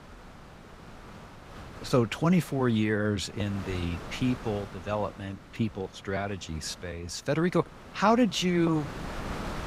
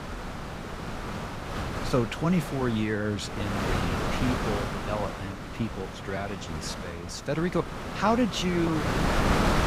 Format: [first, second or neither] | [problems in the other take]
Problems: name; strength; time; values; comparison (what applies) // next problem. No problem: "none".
first | wind noise on the microphone; heavy; 1 dB below the speech; occasional gusts in the first